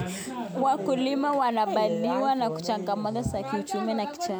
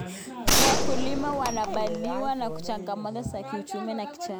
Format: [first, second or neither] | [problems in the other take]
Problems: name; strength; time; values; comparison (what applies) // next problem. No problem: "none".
first | background sound (Gunshot, gunfire); 4 dB above the speech